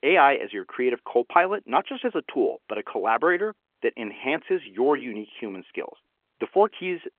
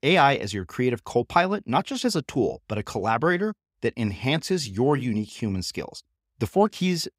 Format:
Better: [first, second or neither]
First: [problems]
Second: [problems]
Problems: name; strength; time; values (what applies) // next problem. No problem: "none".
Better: second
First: phone-call audio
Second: none